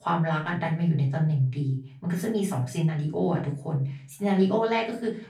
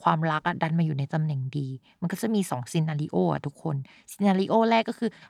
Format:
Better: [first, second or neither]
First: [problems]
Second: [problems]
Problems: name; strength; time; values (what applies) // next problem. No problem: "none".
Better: second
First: room echo; slight; dies away in 0.4 s // off-mic speech; far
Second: none